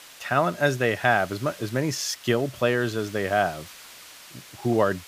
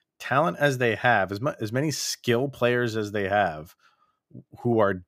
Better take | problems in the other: second | hiss; noticeable; throughout; 20 dB below the speech

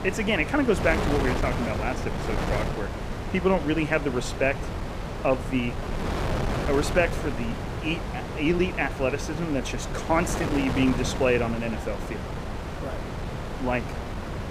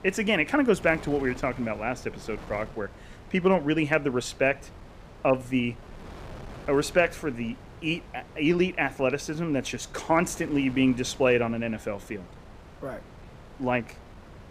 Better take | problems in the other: second | wind noise on the microphone; heavy; 6 dB below the speech; occasional gusts in the second

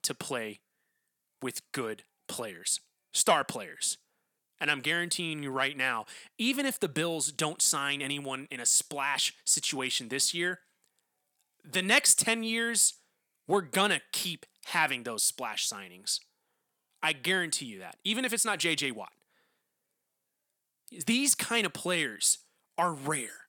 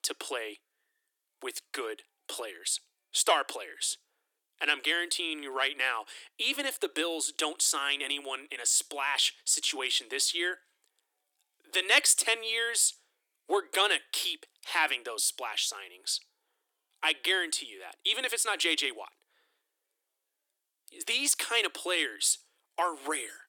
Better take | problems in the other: first | thin; somewhat; fading below 300 Hz

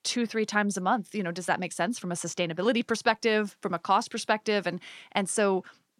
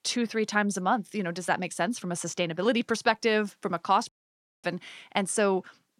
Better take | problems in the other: first | audio cutting out; at 4 s for 0.5 s

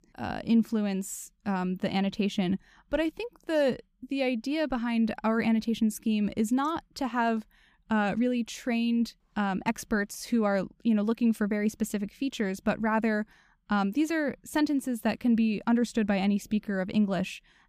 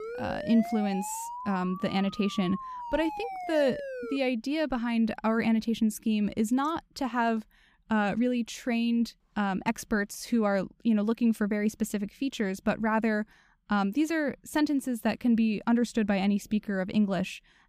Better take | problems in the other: first | siren; noticeable; until 4 s; peak 8 dB below the speech

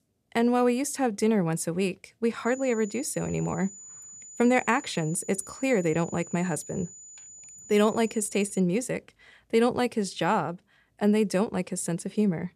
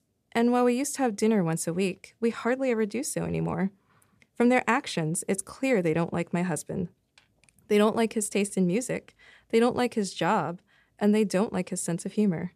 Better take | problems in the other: second | high-pitched whine; noticeable; from 2.5 to 8.5 s; 7 kHz, 15 dB below the speech

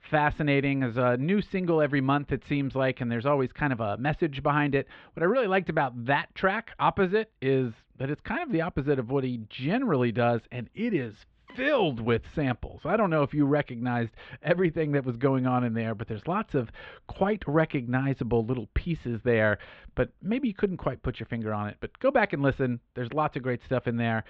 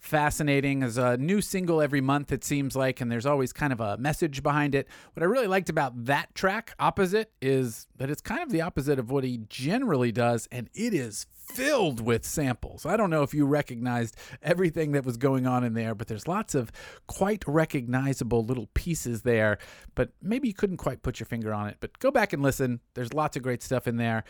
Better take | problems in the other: second | muffled; very; fading above 3.5 kHz

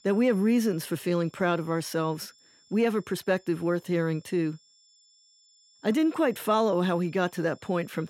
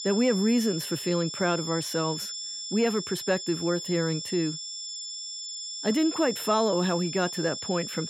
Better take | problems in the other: first | high-pitched whine; loud; throughout; 5.5 kHz, 6 dB below the speech; faint in the first

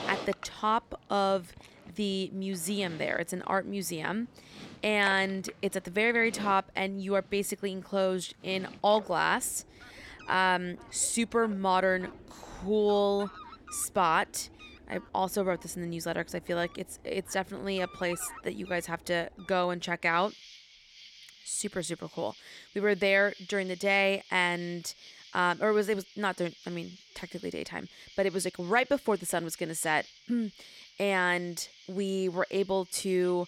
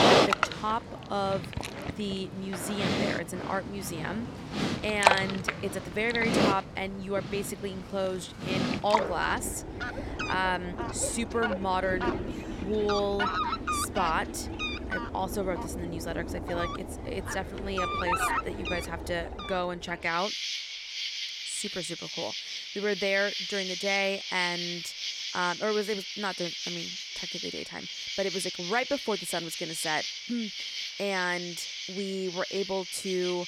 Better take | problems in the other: first | animal sounds; loud; throughout; 1 dB below the speech; faint in the first

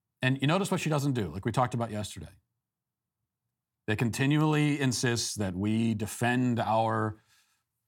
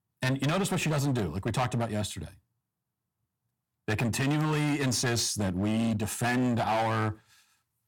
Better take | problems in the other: first | distortion; heavy; 15% of the sound clipped

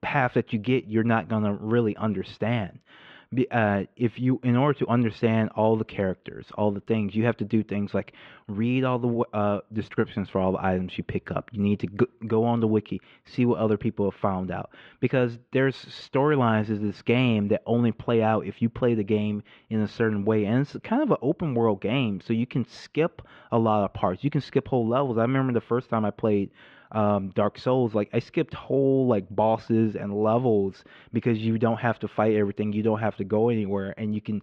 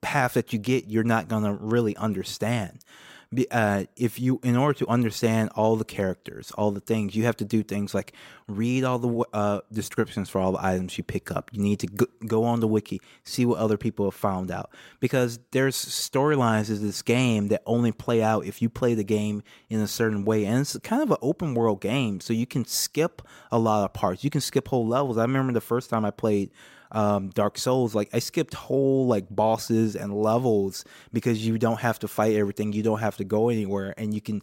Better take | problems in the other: second | muffled; very; fading above 3 kHz

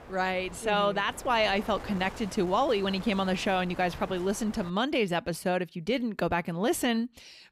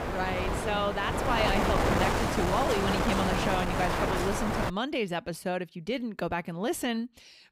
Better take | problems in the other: first | wind noise on the microphone; heavy; until 4.5 s; 2 dB above the speech; occasional gusts in the first

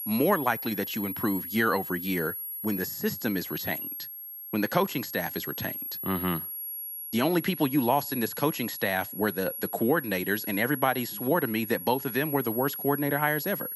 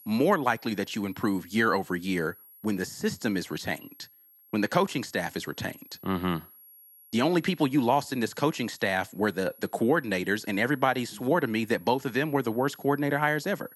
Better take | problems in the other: second | high-pitched whine; loud; throughout; 11.5 kHz, 6 dB below the speech; faint in the second

